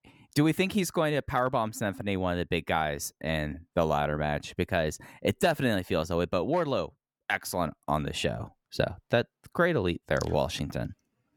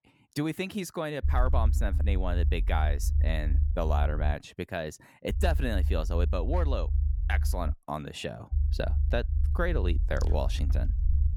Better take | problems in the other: first | low rumble; noticeable; from 1 to 4.5 s, from 5.5 to 7.5 s and from 8.5 s on; 15 dB below the speech

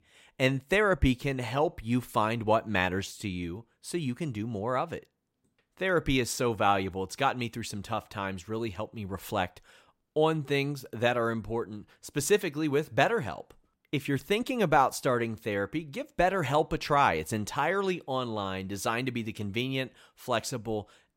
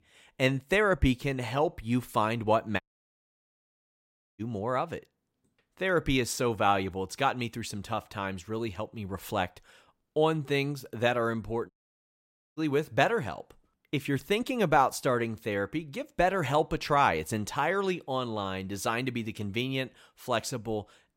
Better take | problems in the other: first | audio cutting out; at 3 s for 1.5 s and at 12 s for 1 s

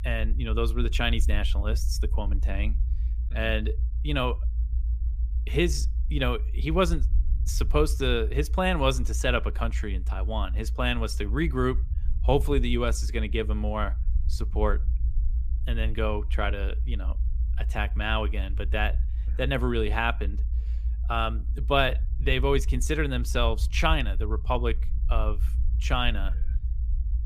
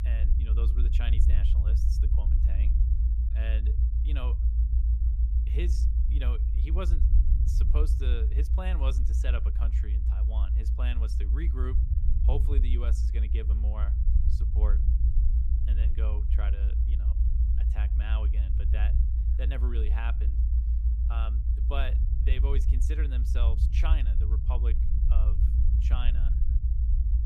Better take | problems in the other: first | low rumble; loud; throughout; 4 dB below the speech; faint in the first

